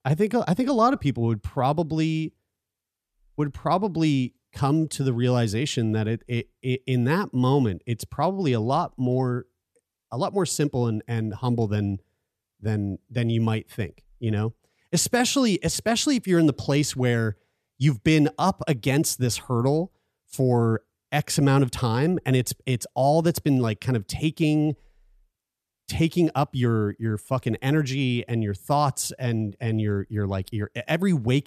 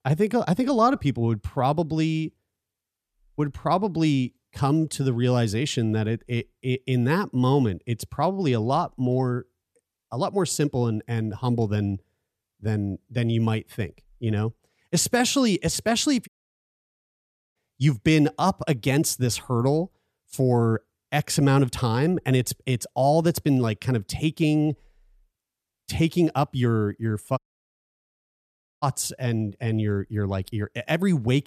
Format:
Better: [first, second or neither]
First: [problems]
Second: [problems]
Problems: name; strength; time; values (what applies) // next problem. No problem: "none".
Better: first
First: none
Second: audio cutting out; at 16 s for 1.5 s and at 27 s for 1.5 s